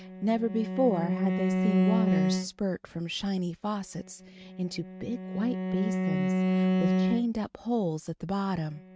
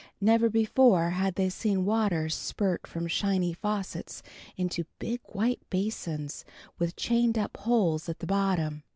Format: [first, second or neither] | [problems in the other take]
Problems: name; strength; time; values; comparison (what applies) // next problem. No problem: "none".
second | noise reduction (neural mask model RNNoise)